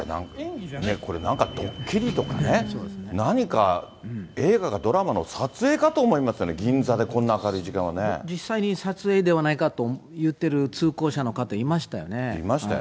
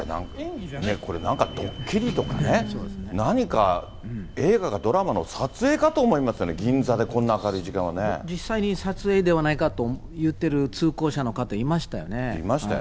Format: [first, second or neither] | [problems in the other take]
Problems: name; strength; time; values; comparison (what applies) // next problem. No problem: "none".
first | background sound (Ocean); 15 dB below the speech